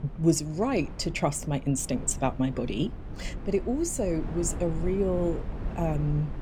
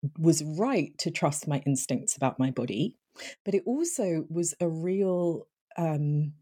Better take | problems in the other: second | wind noise on the microphone; occasional gusts; 15 dB below the speech

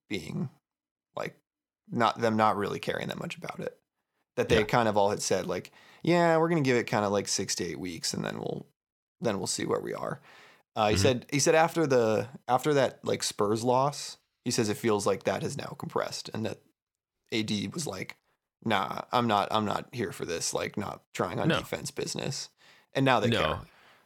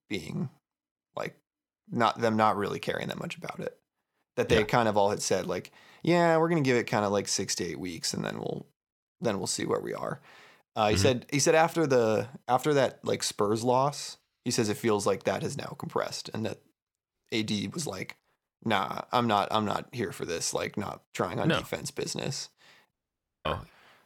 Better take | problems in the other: first | audio cutting out; at 23 s for 0.5 s

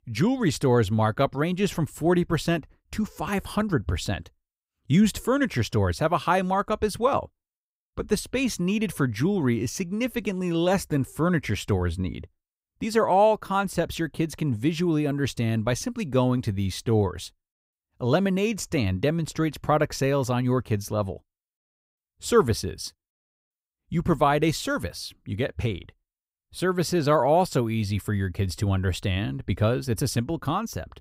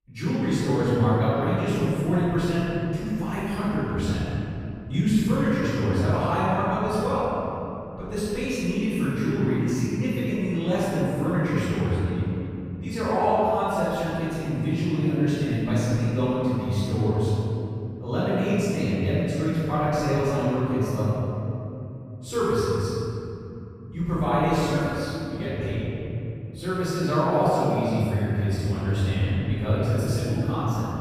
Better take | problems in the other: first | room echo; strong; dies away in 3 s // off-mic speech; far

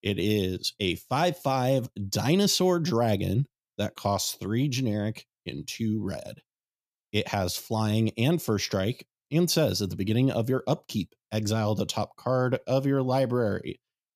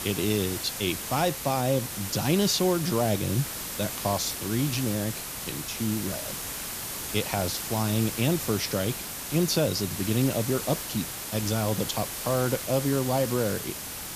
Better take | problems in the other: first | hiss; loud; throughout; 5 dB below the speech

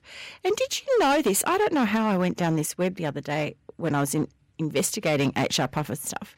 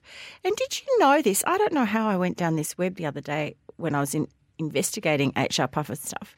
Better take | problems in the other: second | distortion; slight; 7% of the sound clipped

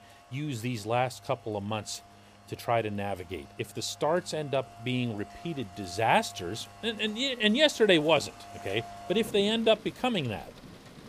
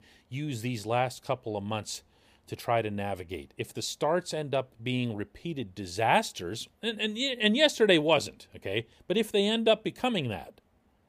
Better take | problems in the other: second | rain or running water; noticeable; throughout; 20 dB below the speech

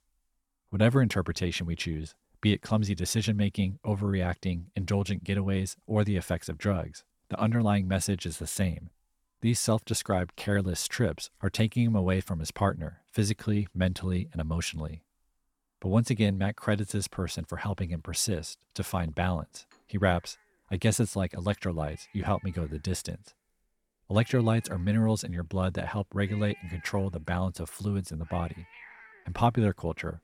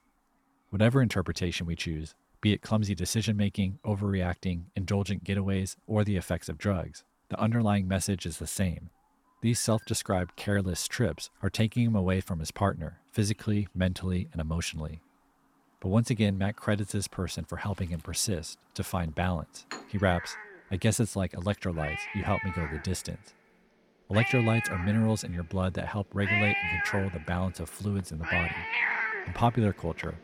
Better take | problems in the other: first | animal sounds; loud; throughout; 2 dB below the speech; faint in the first

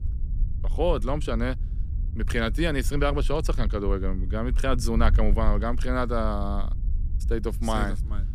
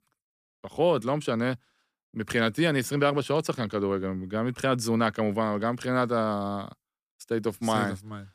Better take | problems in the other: second | wind noise on the microphone; occasional gusts; 20 dB below the speech

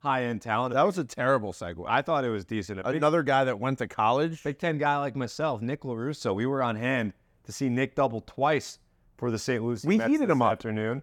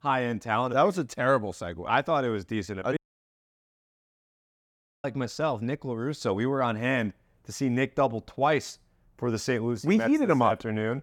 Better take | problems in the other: first | audio cutting out; at 3 s for 2 s

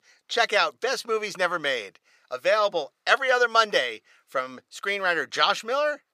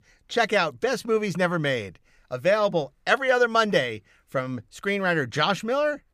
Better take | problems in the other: second | thin; somewhat; fading below 500 Hz

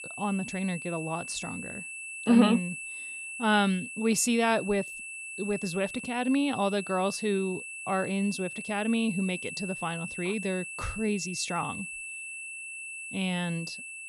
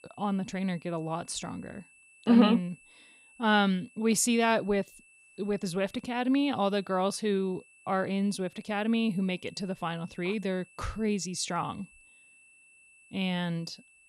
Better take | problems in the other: second | high-pitched whine; loud; throughout; 2.5 kHz, 8 dB below the speech; faint in the second

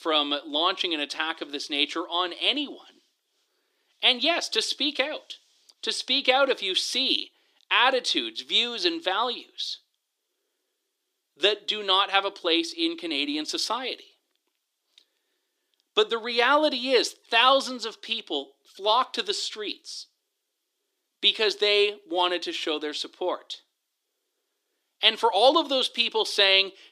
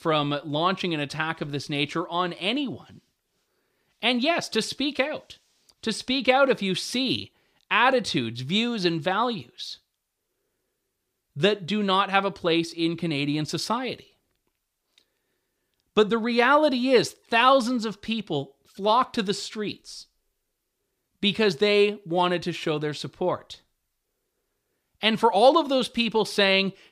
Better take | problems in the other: second | thin; somewhat; fading below 300 Hz

